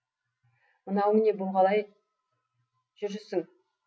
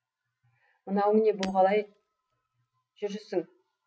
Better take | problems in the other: first | background sound (Shatter); 17 dB below the speech

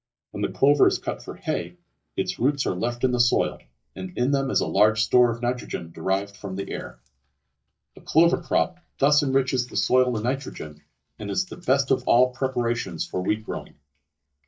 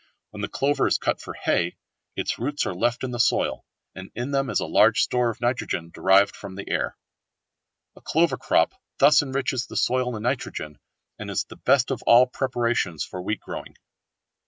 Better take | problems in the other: second | noise reduction (neural mask model DeepFilterNet 3)

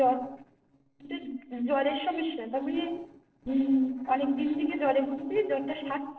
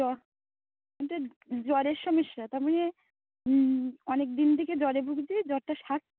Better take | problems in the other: second | noise reduction (neural separator model SepFormer DNS4)

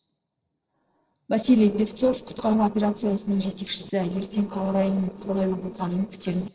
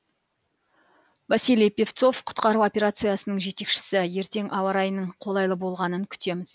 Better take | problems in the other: second | noise reduction (neural separator model SepFormer DNS4)

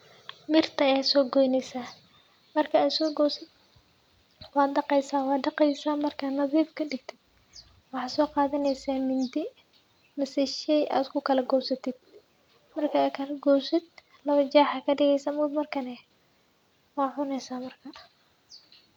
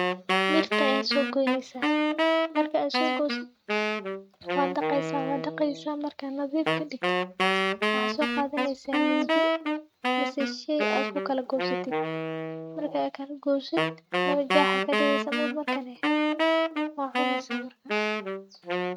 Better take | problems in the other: first | noise reduction (neural mask model RNNoise)

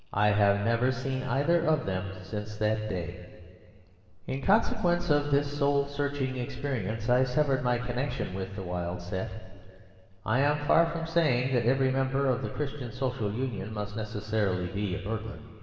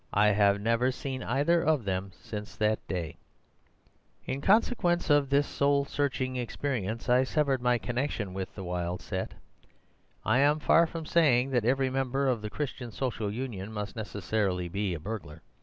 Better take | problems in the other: second | room echo; dies away in 2.5 s

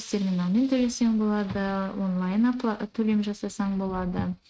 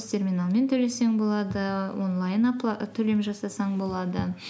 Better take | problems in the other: second | noise reduction (neural mask model RNNoise)

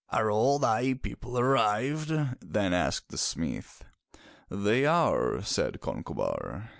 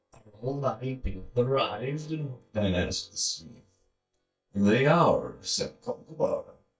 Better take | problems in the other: first | noise reduction (neural mask model DeepFilterNet 3)

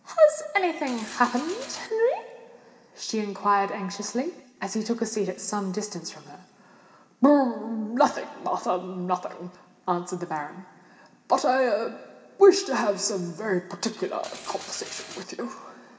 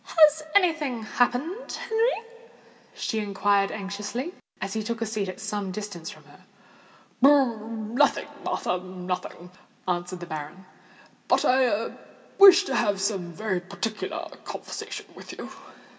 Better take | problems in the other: second | background sound (Mechanisms); 14 dB below the speech // room echo; dies away in 1.3 s

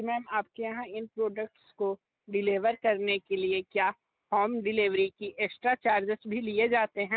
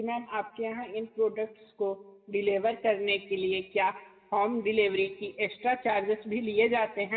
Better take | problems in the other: first | room echo; dies away in 2.9 s

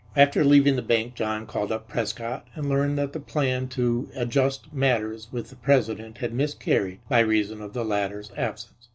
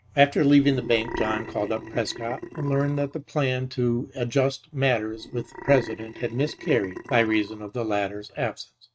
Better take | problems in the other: first | noise reduction (neural mask model RNNoise)

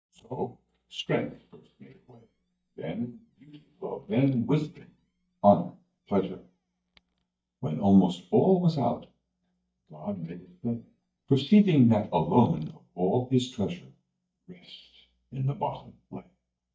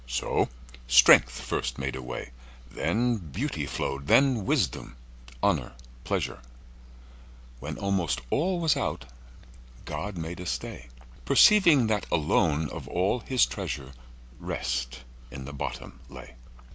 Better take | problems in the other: second | noise reduction (neural mask model DeepFilterNet 3)

